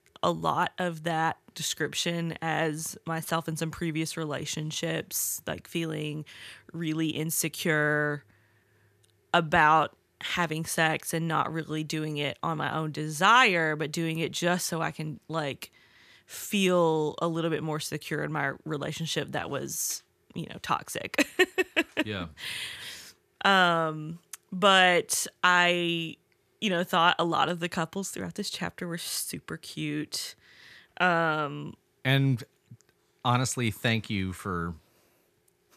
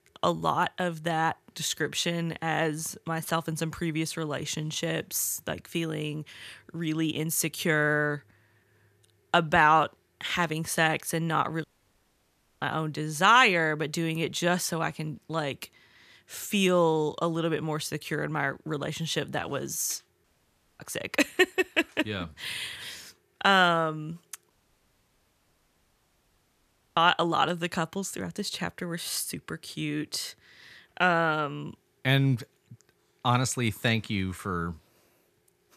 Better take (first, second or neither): first